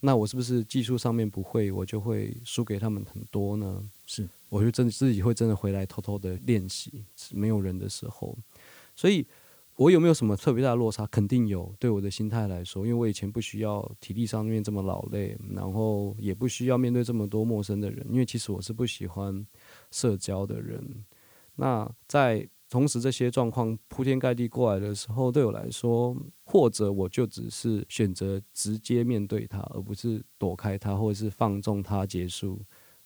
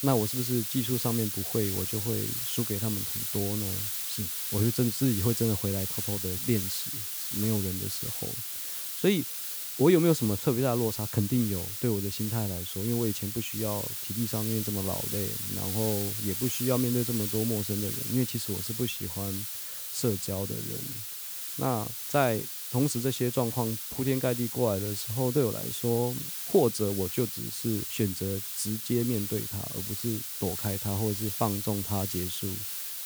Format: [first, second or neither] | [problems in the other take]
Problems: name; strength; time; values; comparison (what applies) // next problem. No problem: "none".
first | hiss; loud; throughout; as loud as the speech; faint in the first